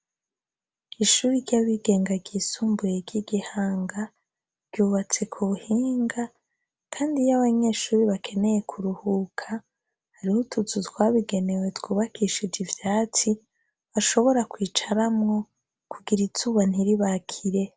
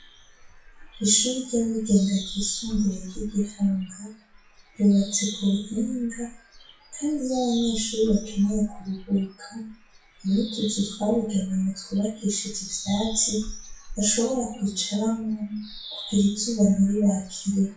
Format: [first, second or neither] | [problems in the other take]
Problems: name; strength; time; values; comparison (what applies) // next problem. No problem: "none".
first | noise reduction (classical method WPE with log-MMSE)